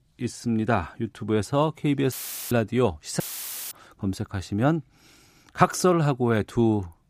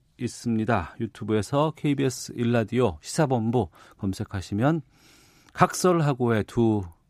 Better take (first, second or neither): second